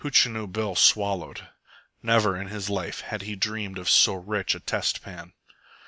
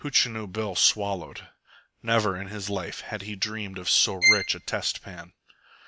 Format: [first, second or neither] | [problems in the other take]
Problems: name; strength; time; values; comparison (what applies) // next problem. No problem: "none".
first | background sound (Bowed string instrument); 3 dB above the speech